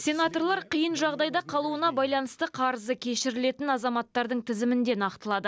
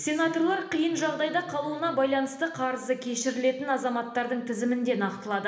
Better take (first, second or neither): first